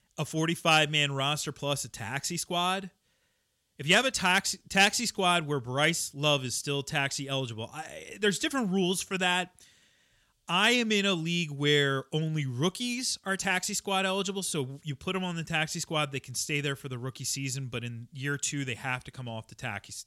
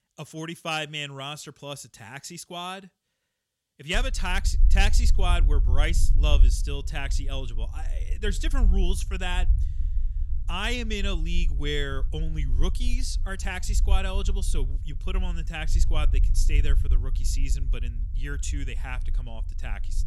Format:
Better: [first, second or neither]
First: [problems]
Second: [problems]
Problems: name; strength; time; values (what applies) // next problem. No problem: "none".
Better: first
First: none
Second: low rumble; noticeable; from 4 s on; 15 dB below the speech